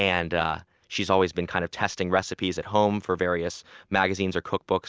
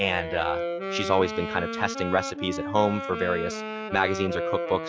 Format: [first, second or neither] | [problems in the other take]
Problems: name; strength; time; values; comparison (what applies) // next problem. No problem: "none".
first | noise reduction (classical method log-MMSE)